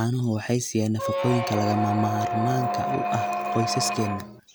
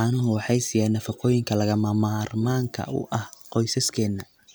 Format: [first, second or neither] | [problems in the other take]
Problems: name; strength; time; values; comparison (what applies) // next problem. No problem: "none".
second | background sound (Squeak); 1 dB below the speech